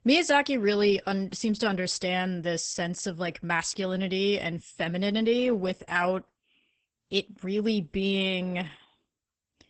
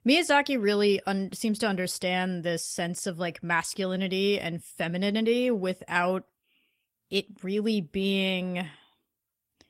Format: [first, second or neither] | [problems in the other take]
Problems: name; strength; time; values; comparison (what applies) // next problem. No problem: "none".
second | garbled, watery; badly; nothing above 8 kHz; slightly in the second